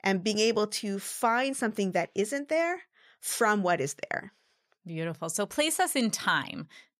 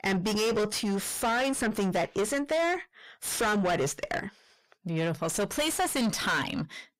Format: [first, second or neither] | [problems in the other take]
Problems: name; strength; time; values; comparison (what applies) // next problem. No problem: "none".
first | distortion; heavy; 5 dB below the speech